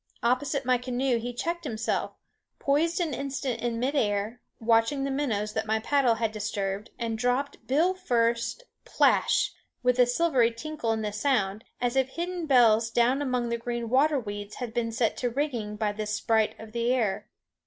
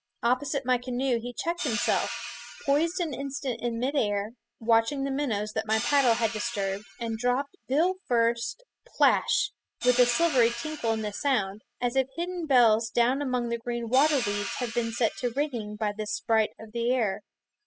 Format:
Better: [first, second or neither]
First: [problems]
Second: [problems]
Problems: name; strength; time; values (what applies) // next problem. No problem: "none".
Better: first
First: none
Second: noise reduction (classical method spectral subtraction)